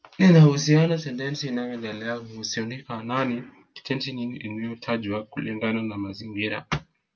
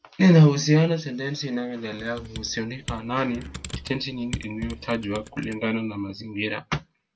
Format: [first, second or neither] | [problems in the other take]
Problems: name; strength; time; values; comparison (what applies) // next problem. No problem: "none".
first | background sound (Computer keyboard); 14 dB below the speech